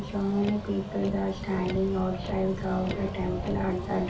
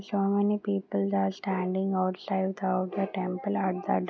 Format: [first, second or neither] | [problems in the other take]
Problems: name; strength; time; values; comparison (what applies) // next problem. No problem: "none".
second | background sound (Motor vehicle (road)); 6 dB below the speech // room echo; dies away in 0.3 s